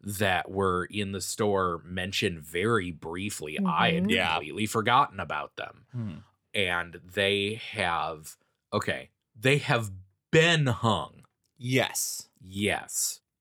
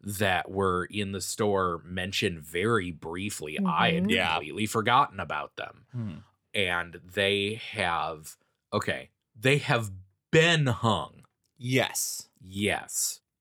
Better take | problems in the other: neither | none

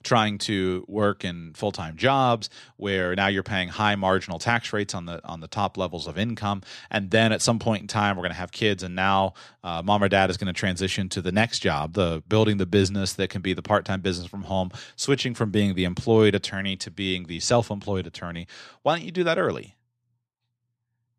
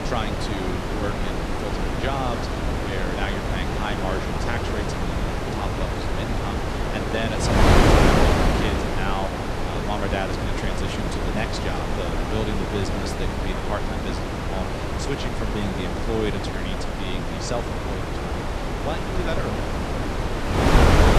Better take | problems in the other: first | wind noise on the microphone; heavy; 5 dB above the speech

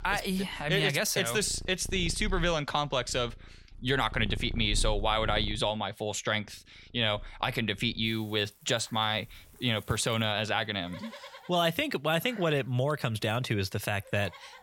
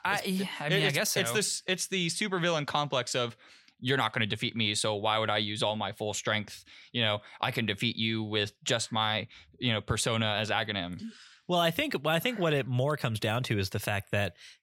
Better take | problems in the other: second | animal sounds; noticeable; throughout; 15 dB below the speech

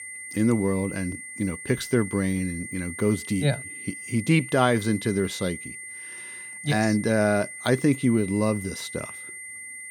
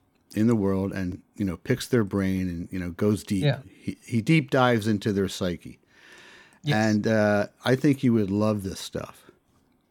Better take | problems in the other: second | high-pitched whine; noticeable; throughout; 2 kHz, 10 dB below the speech

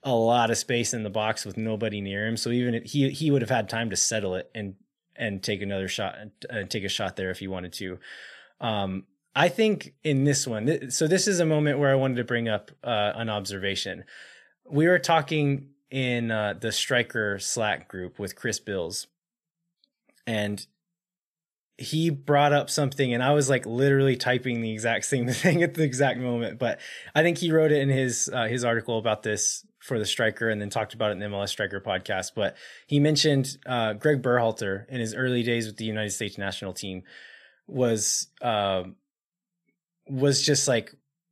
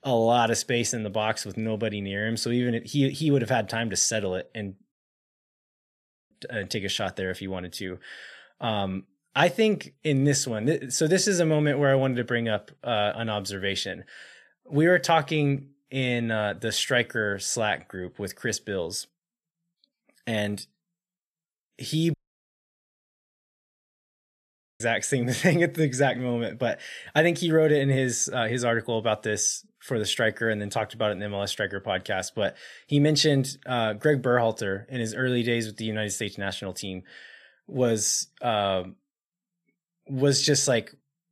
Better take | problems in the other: first | audio cutting out; at 5 s for 1.5 s and at 22 s for 2.5 s

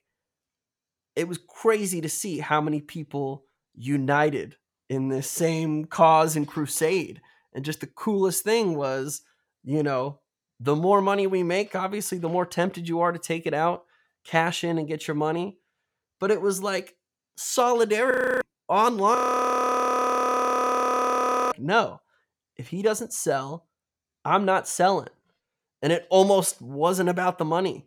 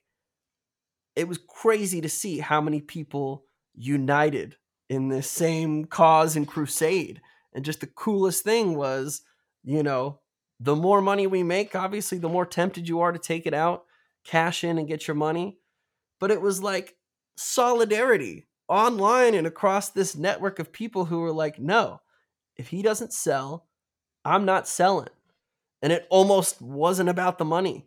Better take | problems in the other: second | audio freezing; at 18 s and at 19 s for 2.5 s

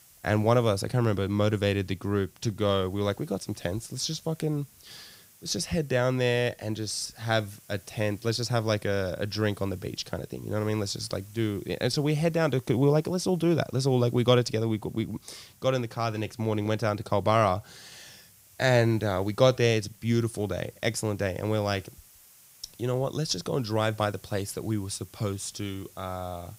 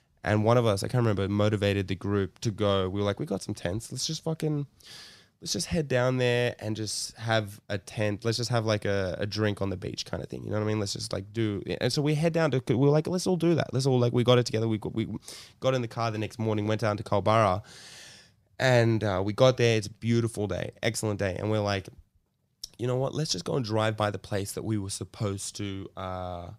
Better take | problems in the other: second | hiss; faint; throughout; 25 dB below the speech

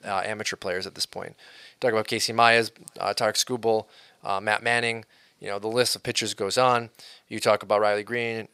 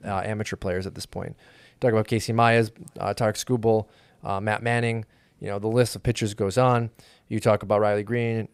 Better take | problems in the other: second | thin; somewhat; fading below 850 Hz

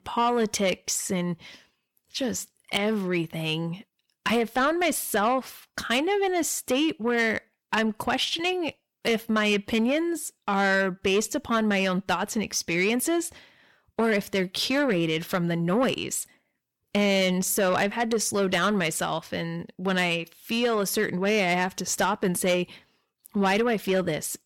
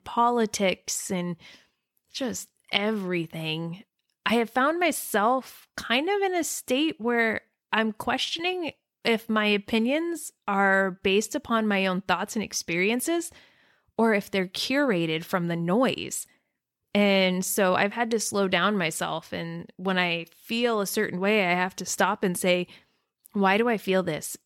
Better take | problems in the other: second | distortion; slight; 10 dB below the speech

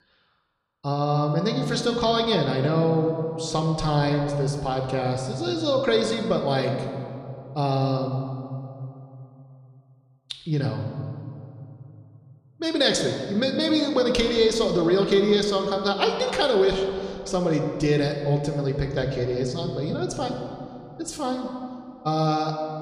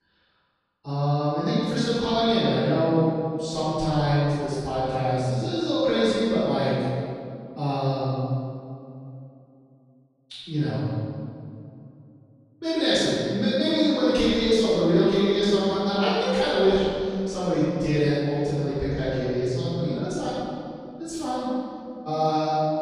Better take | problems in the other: first | room echo; strong; dies away in 2.1 s; slight in the first // off-mic speech; far

